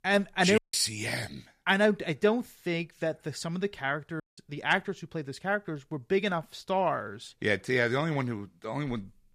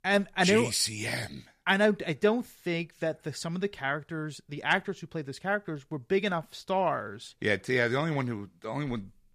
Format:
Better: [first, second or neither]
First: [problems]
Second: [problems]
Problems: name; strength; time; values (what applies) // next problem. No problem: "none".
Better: second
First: audio cutting out; at 0.5 s and at 4 s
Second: none